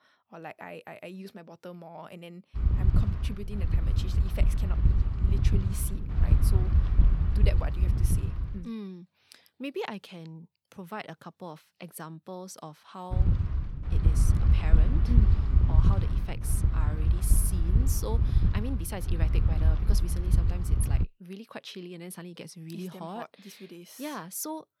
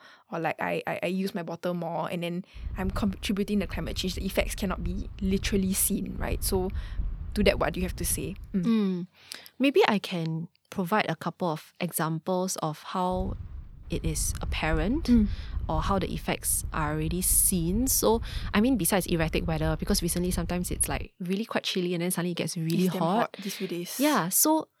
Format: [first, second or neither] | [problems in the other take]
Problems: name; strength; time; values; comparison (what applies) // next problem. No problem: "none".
second | wind noise on the microphone; heavy; from 2.5 to 8.5 s and from 13 to 21 s; 1 dB below the speech; occasional gusts in the second